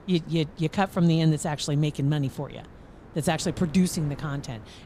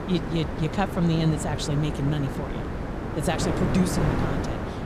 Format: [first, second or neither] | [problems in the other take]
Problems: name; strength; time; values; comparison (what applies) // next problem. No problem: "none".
first | wind noise on the microphone; heavy; 1 dB below the speech; occasional gusts in the first